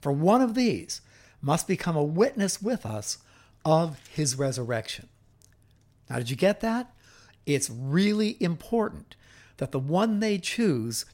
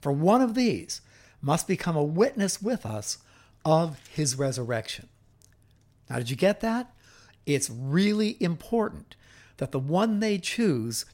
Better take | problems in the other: neither | none

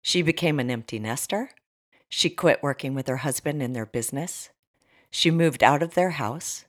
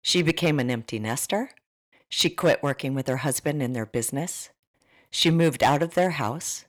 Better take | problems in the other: first | distortion; slight; 2% of the sound clipped

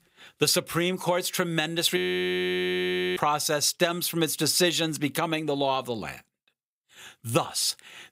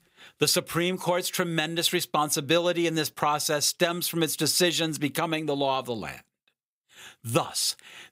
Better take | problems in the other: second | audio freezing; at 2 s for 1 s

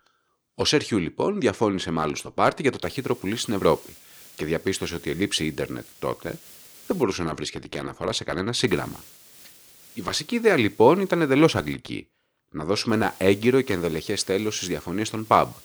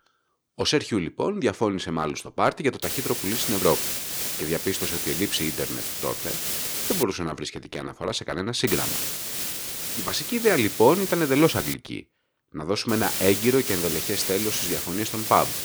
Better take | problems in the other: first | hiss; loud; from 3 to 7 s, from 8.5 to 12 s and from 13 s on; 2 dB below the speech; faint in the first

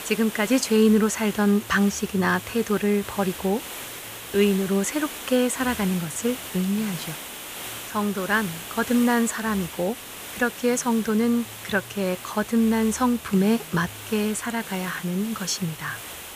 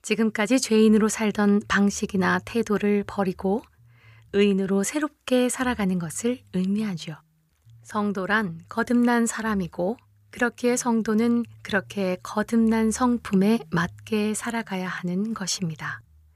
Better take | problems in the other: second | hiss; noticeable; throughout; 10 dB below the speech

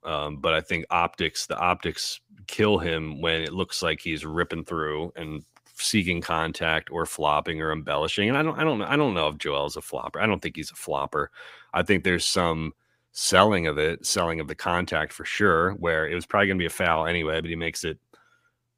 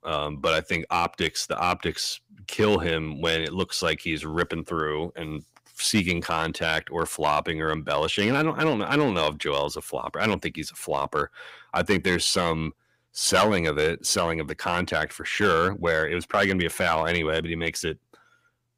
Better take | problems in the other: first | distortion; slight; 1.7% of the sound clipped

